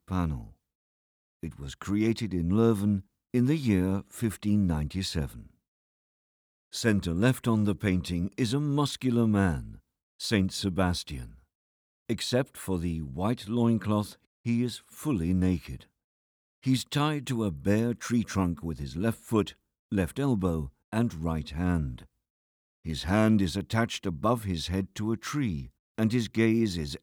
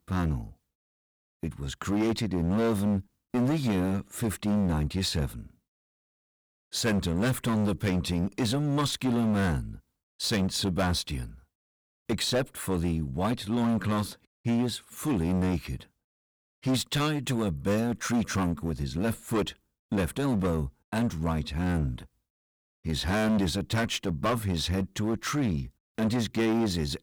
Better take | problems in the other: first | distortion; heavy; 13% of the sound clipped

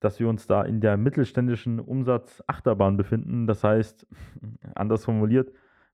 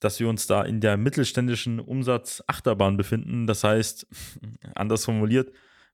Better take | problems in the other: second | muffled; very; fading above 2.5 kHz

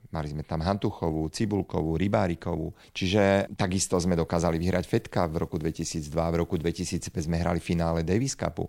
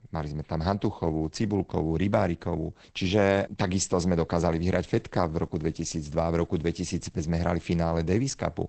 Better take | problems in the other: first | garbled, watery; badly; nothing above 8 kHz

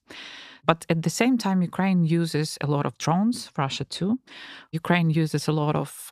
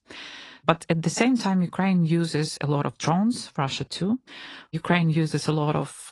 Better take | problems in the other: first | garbled, watery; slightly; nothing above 10.5 kHz

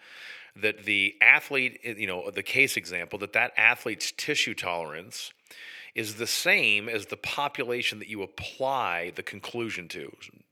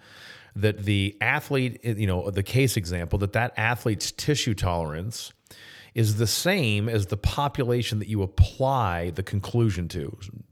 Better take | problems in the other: second | thin; very; fading below 350 Hz

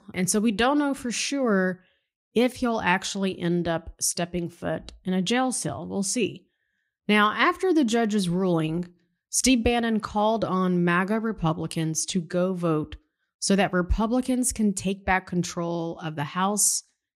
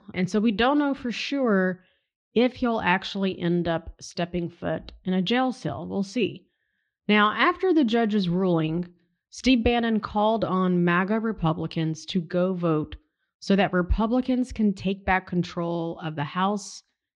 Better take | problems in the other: first | muffled; slightly; fading above 4 kHz

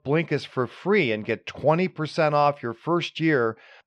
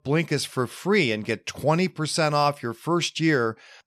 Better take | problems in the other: second | muffled; slightly; fading above 3 kHz

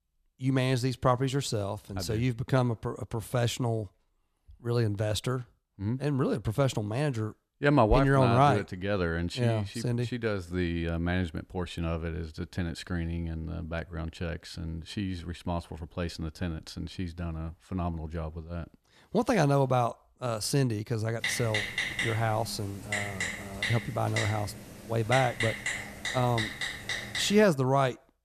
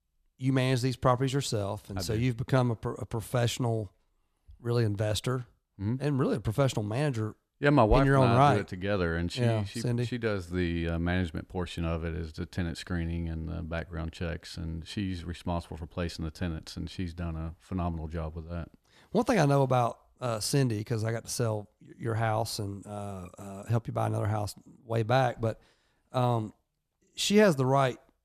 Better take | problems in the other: second | keyboard typing; loud; from 21 to 27 s; peak level with the speech

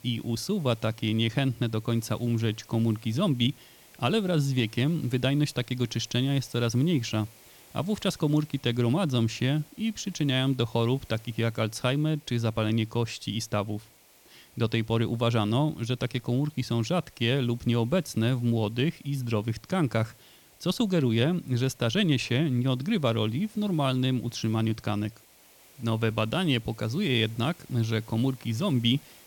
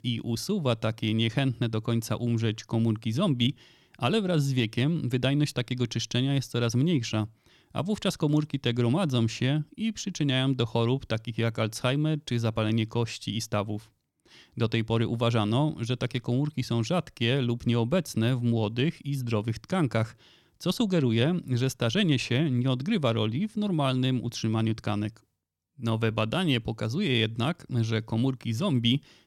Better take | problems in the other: second | hiss; faint; throughout; 25 dB below the speech

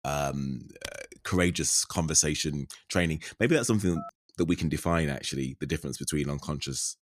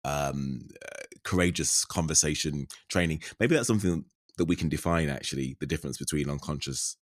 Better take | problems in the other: second | keyboard typing; faint; at 1 s; peak 15 dB below the speech // phone ringing; faint; at 4 s; peak 15 dB below the speech

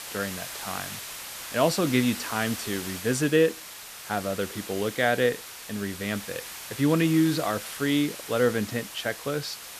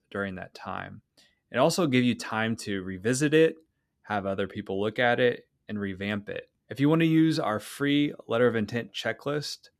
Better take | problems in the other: second | hiss; loud; throughout; 10 dB below the speech

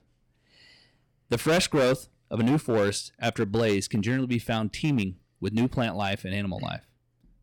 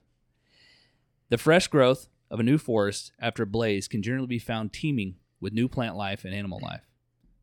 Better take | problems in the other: second | distortion; heavy; 7% of the sound clipped

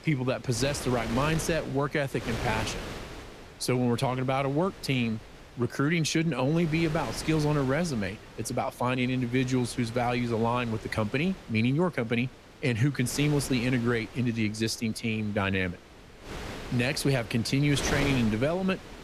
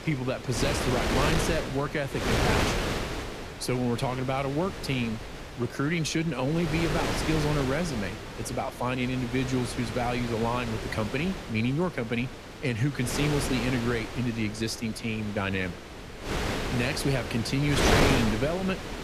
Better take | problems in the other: first | wind noise on the microphone; heavy; 1 dB below the speech; occasional gusts in the first

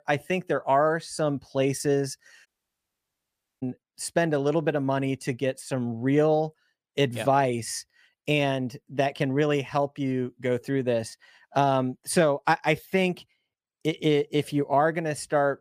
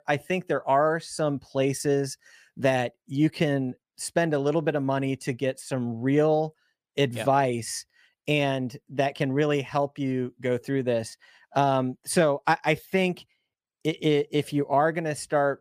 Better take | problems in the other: second | audio cutting out; at 2.5 s for 1 s

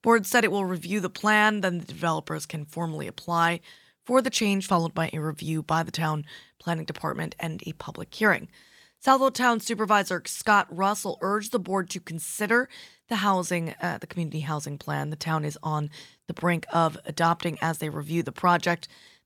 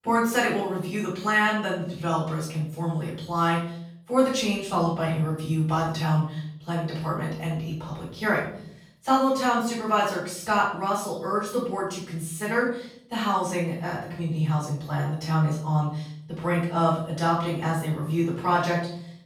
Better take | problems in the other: first | room echo; noticeable; dies away in 0.7 s // off-mic speech; far

